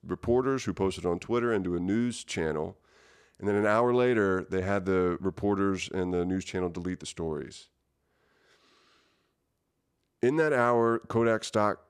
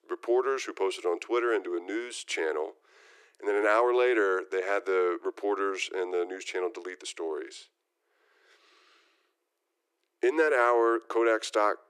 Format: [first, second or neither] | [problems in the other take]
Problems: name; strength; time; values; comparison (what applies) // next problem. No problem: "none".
first | thin; very; fading below 350 Hz